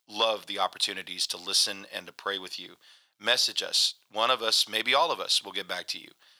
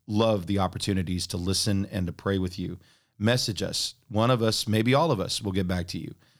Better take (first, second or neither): second